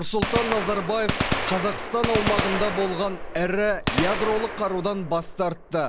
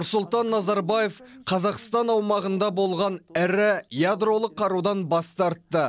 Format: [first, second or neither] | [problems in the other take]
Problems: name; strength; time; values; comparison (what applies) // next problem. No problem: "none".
second | background sound (Gunshot, gunfire); 2 dB below the speech